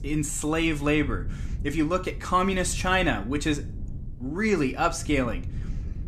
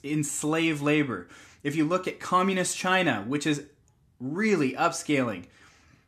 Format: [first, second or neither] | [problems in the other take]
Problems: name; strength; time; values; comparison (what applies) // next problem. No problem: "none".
second | low rumble; faint; throughout; 25 dB below the speech